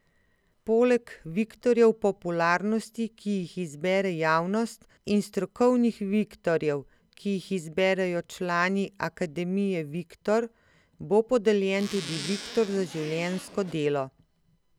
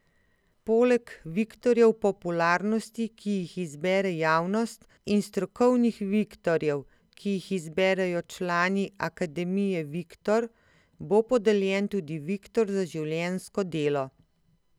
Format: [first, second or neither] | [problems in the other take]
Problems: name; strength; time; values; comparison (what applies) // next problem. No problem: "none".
second | background sound (Zipper (clothing)); 13 dB below the speech